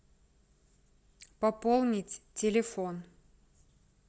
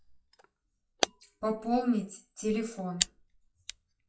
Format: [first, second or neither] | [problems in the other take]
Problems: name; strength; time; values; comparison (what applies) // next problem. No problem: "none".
first | noise reduction (classical method WPE with log-MMSE)